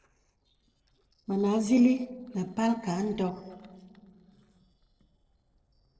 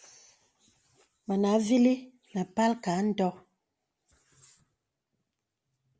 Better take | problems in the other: second | noise reduction (neural separator model SepFormer DNS4)

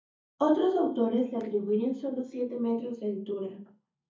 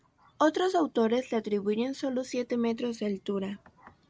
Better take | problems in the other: second | noise reduction (neural mask model DeepFilterNet 3)

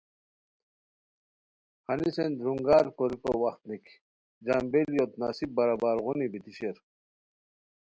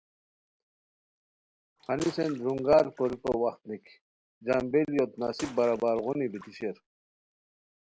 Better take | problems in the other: first | background sound (Bathtub (filling or washing) / Water / Splash, splatter); 18 dB below the speech

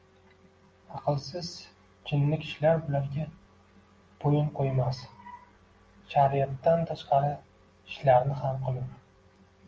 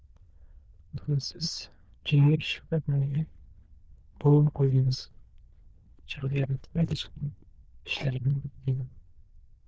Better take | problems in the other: first | noise reduction (neural diffusion model UNIVERSE++)

